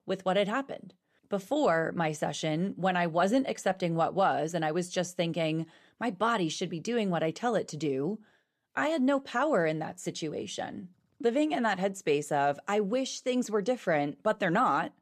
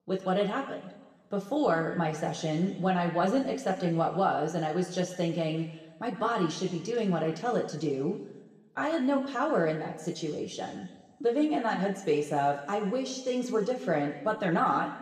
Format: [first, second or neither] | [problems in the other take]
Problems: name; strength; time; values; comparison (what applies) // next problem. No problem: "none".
first | room echo; slight; dies away in 1.2 s // off-mic speech; somewhat distant